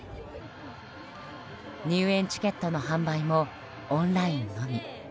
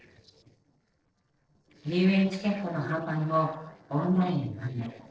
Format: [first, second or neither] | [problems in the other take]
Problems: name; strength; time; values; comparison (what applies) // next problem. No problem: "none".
first | noise reduction (neural separator model SepFormer DNS4)